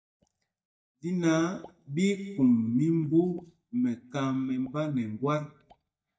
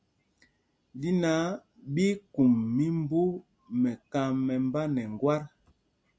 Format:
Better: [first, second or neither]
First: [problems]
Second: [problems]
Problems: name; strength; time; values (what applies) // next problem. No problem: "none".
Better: second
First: noise reduction (neural mask model DeepFilterNet 3)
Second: none